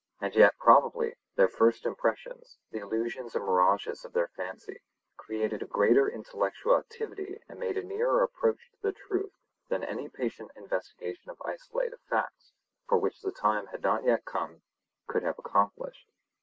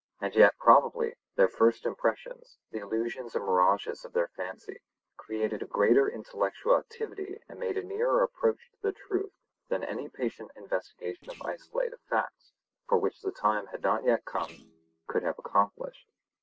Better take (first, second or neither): first